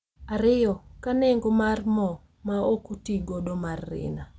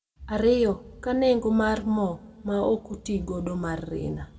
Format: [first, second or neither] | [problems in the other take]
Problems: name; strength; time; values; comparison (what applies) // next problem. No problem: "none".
first | room echo; dies away in 1.2 s